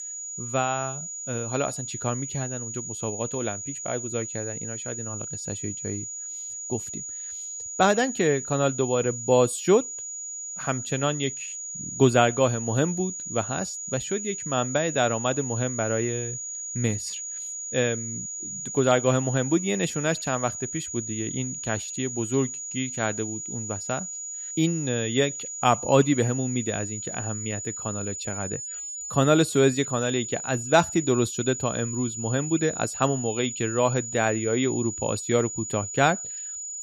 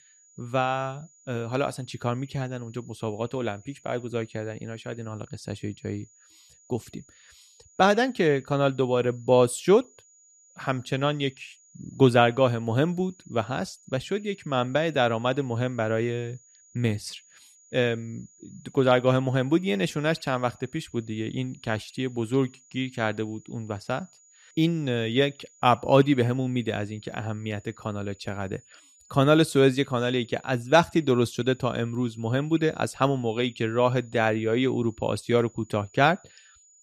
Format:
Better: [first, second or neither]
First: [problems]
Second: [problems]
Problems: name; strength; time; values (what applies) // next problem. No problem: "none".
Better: second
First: high-pitched whine; loud; throughout; 7 kHz, 6 dB below the speech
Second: high-pitched whine; faint; throughout; 7 kHz, 30 dB below the speech